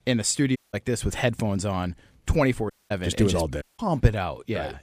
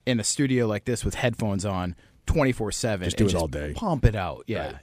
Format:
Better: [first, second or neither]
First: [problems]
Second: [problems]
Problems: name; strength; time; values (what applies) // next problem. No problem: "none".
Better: second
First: audio cutting out; at 0.5 s, at 2.5 s and at 3.5 s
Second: none